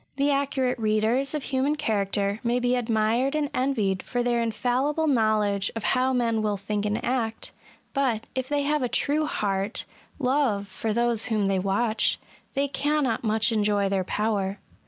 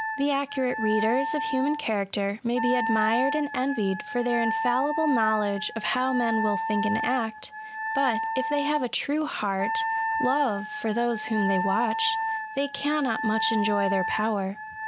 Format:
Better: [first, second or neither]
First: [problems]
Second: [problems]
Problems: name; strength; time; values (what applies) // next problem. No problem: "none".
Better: first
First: none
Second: background sound (Wind instrument, woodwind instrument); 3 dB below the speech